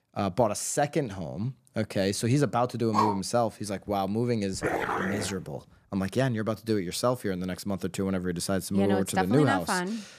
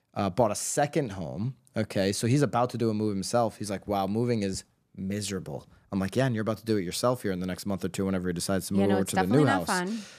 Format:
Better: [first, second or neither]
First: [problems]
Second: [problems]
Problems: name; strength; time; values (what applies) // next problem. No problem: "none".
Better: second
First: dog barking; loud; at 3 s; peak level with the speech // dog barking; noticeable; at 4.5 s; peak 1 dB below the speech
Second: none